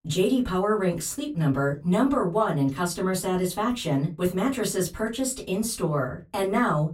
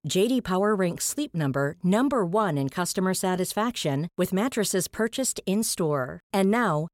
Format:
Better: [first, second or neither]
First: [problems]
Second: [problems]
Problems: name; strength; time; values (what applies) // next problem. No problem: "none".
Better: second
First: off-mic speech; far // room echo; very slight; dies away in 0.2 s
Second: none